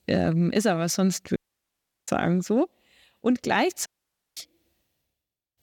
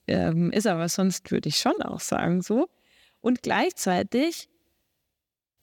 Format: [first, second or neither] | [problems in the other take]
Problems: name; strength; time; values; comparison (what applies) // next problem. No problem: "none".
second | audio cutting out; at 1.5 s for 0.5 s and at 4 s for 0.5 s